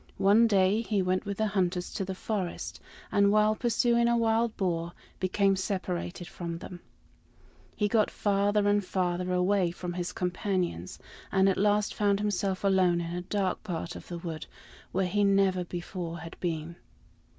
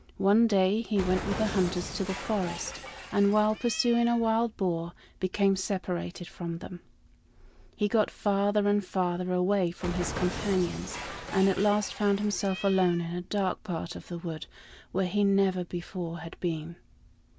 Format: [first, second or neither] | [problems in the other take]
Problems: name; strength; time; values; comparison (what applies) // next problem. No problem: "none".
first | background sound (Cat); 14 dB below the speech